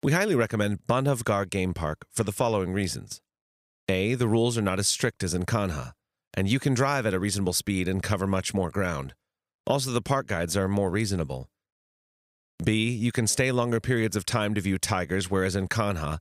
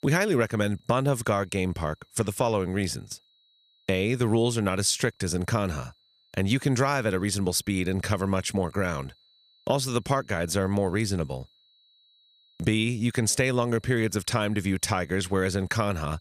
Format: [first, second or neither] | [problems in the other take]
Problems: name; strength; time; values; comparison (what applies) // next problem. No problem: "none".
first | high-pitched whine; faint; throughout; 4 kHz, 35 dB below the speech